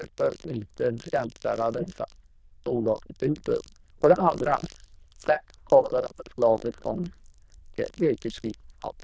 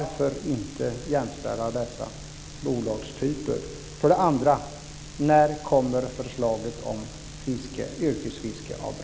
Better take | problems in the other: second | noise reduction (neural diffusion model UNIVERSE++)

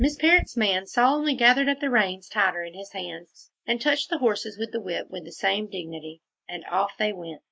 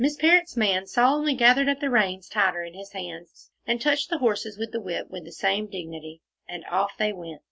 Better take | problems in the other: second | noise reduction (neural mask model Resemble Enhance denoiser)

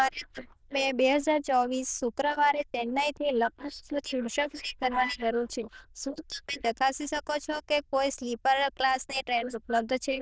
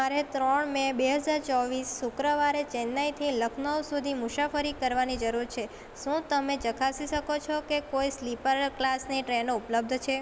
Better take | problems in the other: second | noise reduction (neural diffusion model UNIVERSE++)

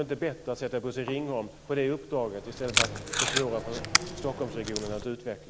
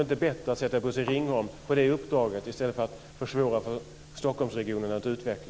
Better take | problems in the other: second | background sound (Packing tape, duct tape); 1 dB above the speech

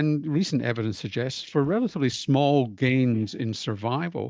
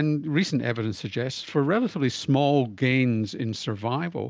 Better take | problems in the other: second | noise reduction (neural mask model DeepFilterNet 3)

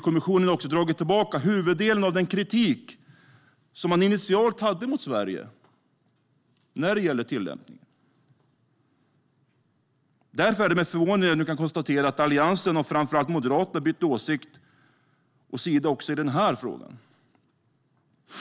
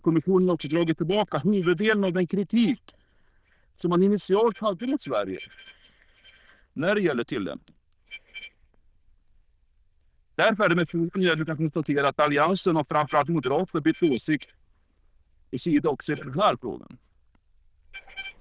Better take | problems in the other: first | noise reduction (neural diffusion model UNIVERSE++)

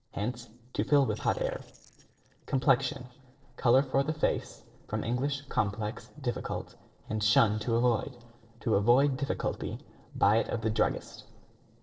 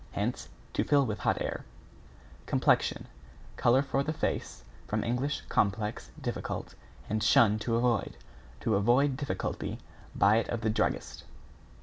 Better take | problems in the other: second | noise reduction (neural separator model SepFormer DNS4)

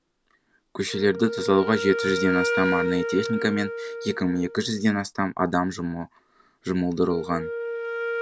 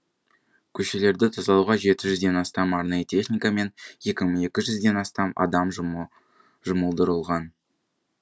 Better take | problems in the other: second | background sound (Wind instrument, woodwind instrument); 5 dB below the speech

